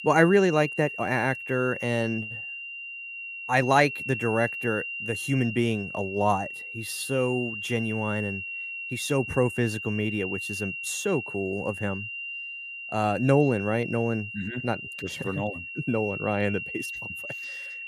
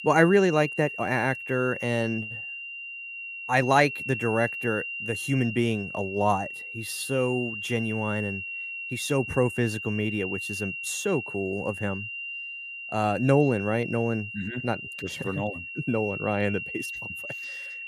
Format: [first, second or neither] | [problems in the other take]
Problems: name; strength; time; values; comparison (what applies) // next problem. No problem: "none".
neither | high-pitched whine; loud; throughout; 2.5 kHz, 7 dB below the speech; the same in both